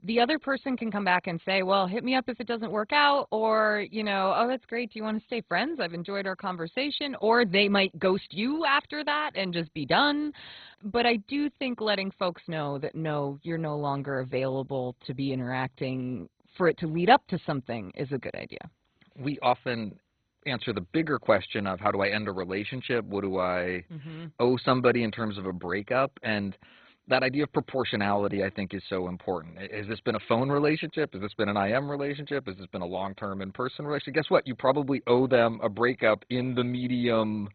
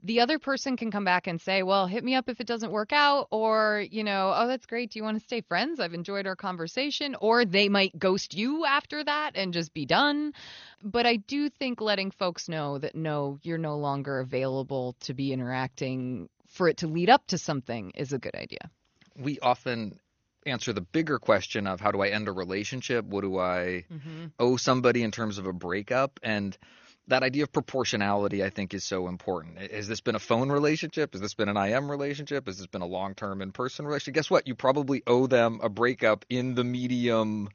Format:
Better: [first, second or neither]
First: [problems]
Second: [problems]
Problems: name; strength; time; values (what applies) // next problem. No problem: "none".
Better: second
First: garbled, watery; badly; nothing above 4 kHz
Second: garbled, watery; slightly; nothing above 6.5 kHz